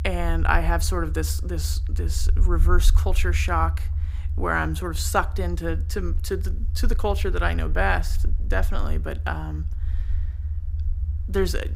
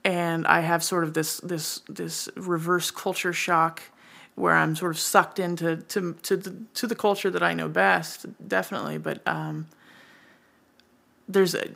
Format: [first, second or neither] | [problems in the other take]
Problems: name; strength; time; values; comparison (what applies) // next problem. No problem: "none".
second | low rumble; noticeable; throughout; 20 dB below the speech